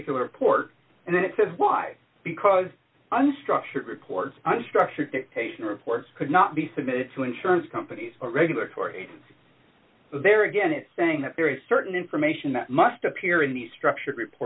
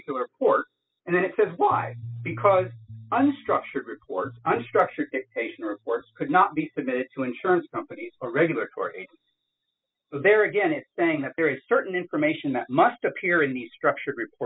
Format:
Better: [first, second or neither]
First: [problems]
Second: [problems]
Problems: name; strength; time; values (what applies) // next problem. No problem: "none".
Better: first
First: none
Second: noise reduction (classical method spectral subtraction)